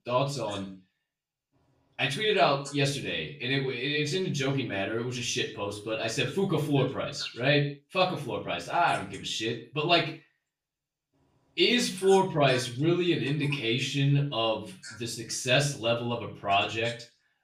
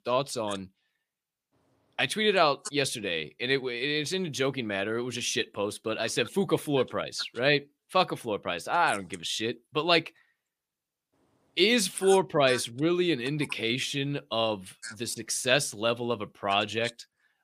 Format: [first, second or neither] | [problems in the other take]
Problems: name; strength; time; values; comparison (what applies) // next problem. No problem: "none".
second | room echo; slight; dies away in 0.3 s // off-mic speech; far